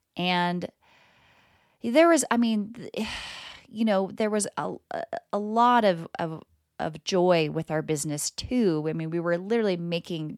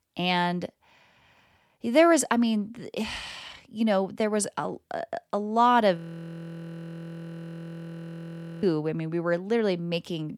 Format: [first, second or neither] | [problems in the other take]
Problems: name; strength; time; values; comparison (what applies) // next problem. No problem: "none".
first | audio freezing; at 6 s for 2.5 s